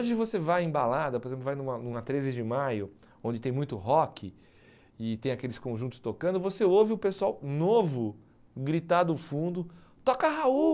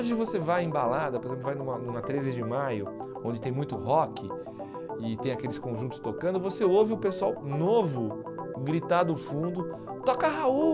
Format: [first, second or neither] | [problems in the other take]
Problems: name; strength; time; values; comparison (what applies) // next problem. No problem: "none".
first | background sound (Organ); 8 dB below the speech